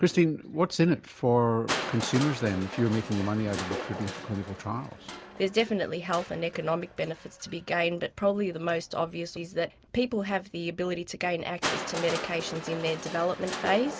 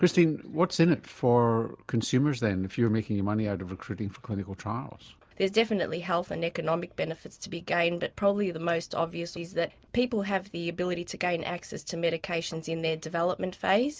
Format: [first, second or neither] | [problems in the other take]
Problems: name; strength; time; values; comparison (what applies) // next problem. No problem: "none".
second | background sound (Crushing); 10 dB below the speech